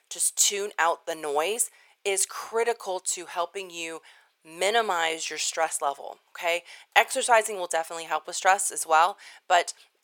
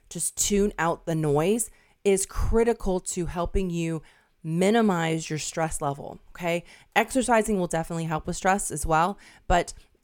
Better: second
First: thin; very; fading below 600 Hz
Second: none

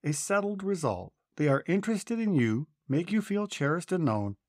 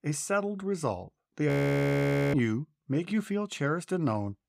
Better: first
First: none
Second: audio freezing; at 1.5 s for 1 s

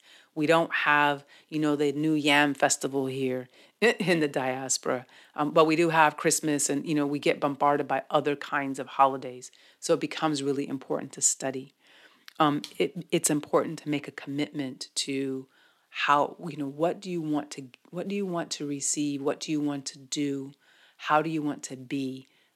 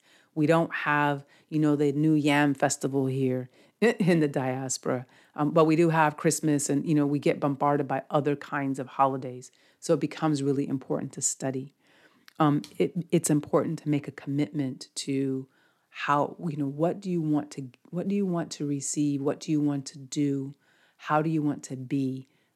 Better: second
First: thin; very slightly; fading below 500 Hz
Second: none

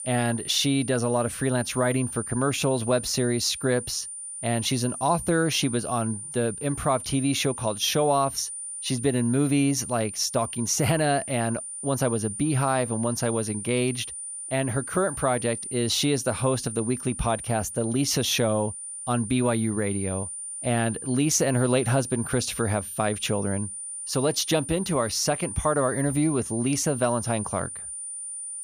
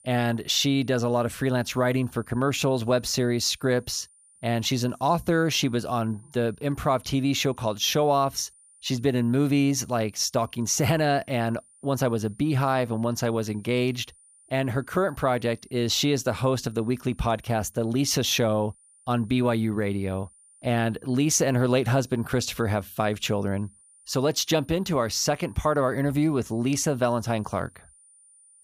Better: second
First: high-pitched whine; loud; throughout; 9 kHz, 8 dB below the speech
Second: high-pitched whine; faint; throughout; 9 kHz, 30 dB below the speech

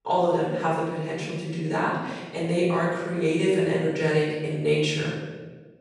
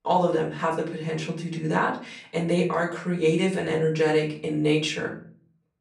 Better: second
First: room echo; strong; dies away in 1.2 s // off-mic speech; far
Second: room echo; slight; dies away in 0.4 s // off-mic speech; far

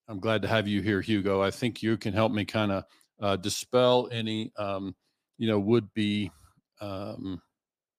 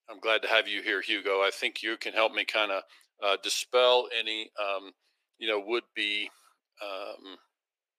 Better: first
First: none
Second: thin; very; fading below 400 Hz

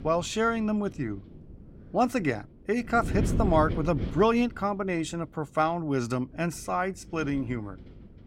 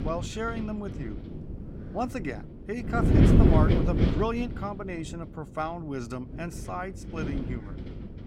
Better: first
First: wind noise on the microphone; occasional gusts; 15 dB below the speech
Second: wind noise on the microphone; heavy; 1 dB above the speech

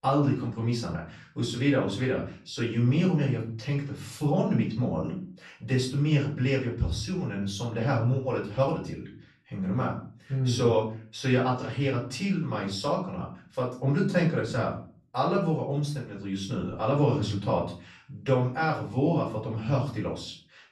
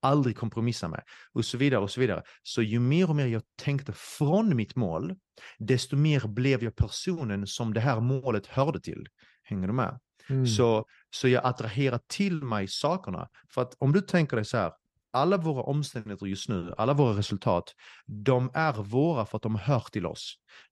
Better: second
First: off-mic speech; far // room echo; slight; dies away in 0.4 s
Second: none

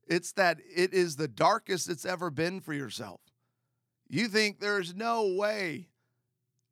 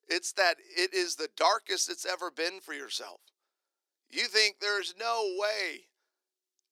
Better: first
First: none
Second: thin; very; fading below 350 Hz

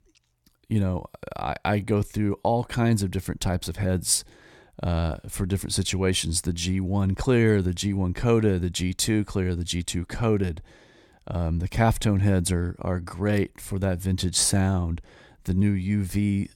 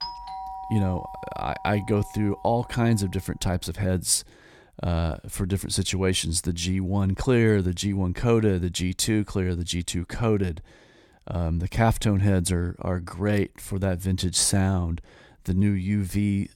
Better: first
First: none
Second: doorbell; noticeable; until 3 s; peak 8 dB below the speech

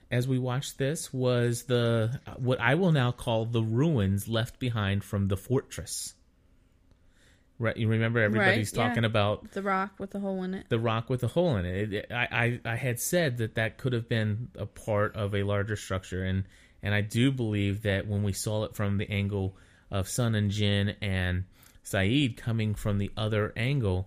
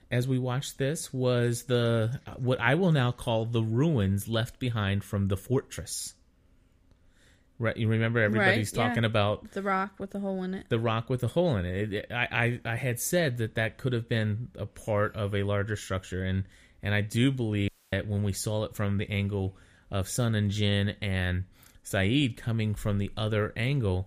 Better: first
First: none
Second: audio cutting out; at 18 s

